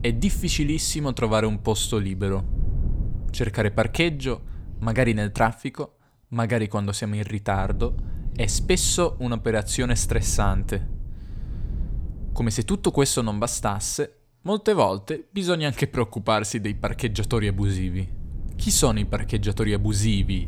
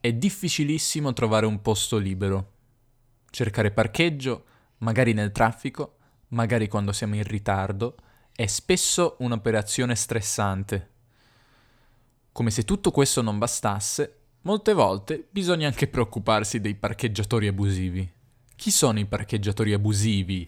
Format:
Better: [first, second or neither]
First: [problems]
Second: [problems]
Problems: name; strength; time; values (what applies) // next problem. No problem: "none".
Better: second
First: low rumble; faint; until 5.5 s, from 7.5 to 14 s and from 17 s on; 20 dB below the speech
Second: none